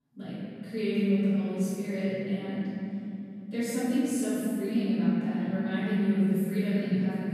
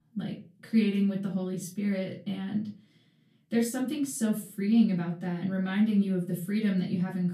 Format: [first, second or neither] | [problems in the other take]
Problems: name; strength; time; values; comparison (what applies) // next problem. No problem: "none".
second | room echo; strong; dies away in 3 s; slight in the second // off-mic speech; far; far in the second